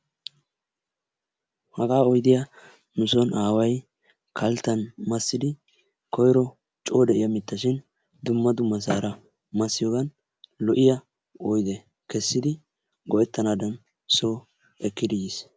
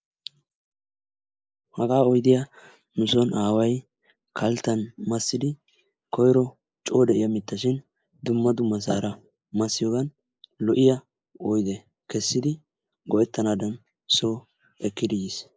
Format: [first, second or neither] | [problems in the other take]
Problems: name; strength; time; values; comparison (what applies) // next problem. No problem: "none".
first | noise reduction (neural mask model Resemble Enhance denoiser)